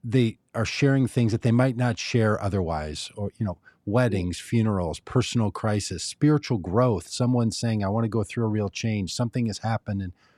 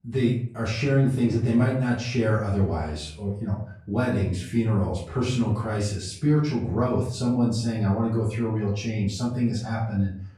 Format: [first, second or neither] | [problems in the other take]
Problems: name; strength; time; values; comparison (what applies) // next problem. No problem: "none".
first | off-mic speech; far // room echo; noticeable; dies away in 0.5 s